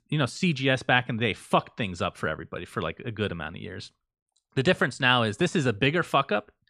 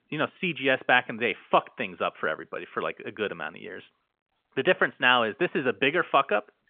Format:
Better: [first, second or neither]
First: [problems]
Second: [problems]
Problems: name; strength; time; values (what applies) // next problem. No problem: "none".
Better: first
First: none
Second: phone-call audio; nothing above 3.5 kHz